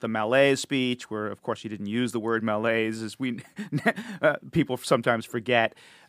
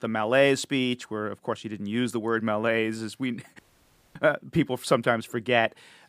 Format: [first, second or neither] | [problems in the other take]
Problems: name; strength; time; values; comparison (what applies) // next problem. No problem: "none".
first | audio cutting out; at 3.5 s for 0.5 s